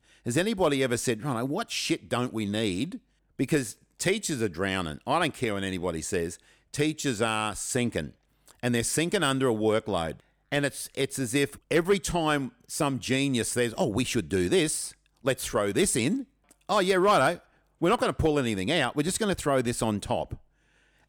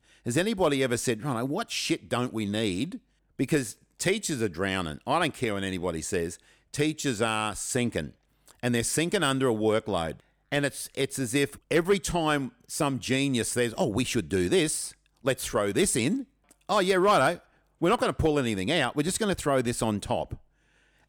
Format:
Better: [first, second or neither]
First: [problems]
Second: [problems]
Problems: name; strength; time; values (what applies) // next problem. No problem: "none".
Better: neither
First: none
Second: none